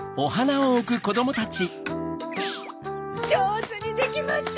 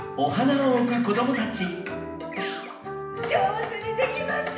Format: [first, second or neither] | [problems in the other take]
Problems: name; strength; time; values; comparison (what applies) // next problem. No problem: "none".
first | room echo; dies away in 0.8 s